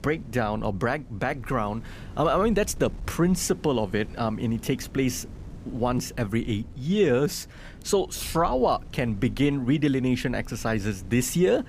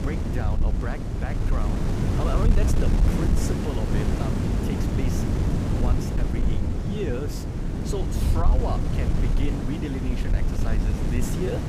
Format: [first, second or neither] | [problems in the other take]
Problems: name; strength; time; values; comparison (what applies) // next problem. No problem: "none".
first | wind noise on the microphone; heavy; 1 dB above the speech; occasional gusts in the first